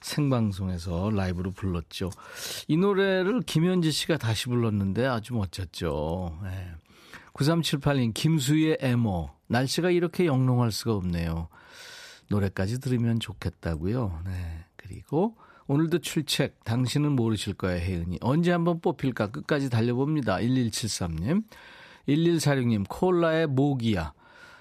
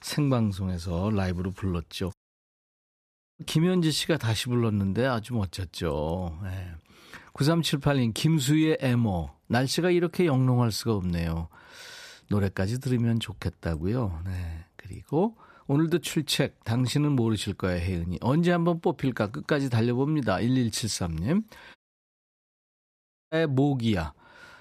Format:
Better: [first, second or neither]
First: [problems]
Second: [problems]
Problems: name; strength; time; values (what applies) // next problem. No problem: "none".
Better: first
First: none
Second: audio cutting out; at 2 s for 1.5 s and at 22 s for 1.5 s